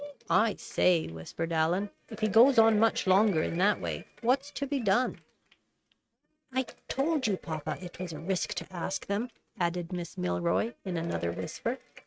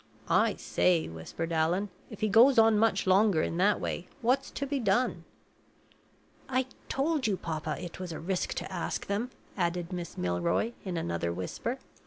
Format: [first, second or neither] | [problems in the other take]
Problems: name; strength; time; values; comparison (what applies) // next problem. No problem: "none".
second | noise reduction (neural mask model RNNoise)